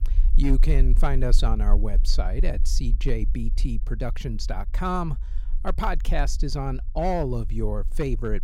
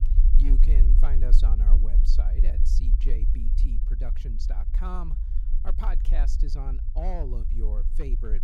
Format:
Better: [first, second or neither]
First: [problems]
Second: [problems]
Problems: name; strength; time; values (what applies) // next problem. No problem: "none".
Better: first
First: low rumble; faint; throughout; 20 dB below the speech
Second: low rumble; loud; throughout; 6 dB below the speech